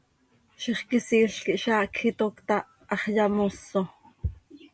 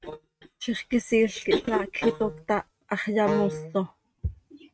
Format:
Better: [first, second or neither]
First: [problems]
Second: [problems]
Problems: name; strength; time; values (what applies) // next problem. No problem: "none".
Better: first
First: none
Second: noise reduction (neural mask model RNNoise)